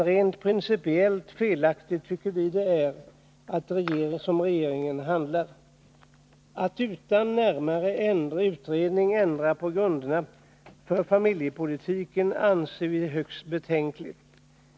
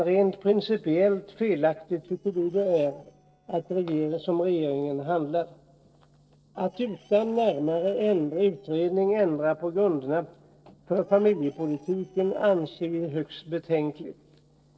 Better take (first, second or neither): first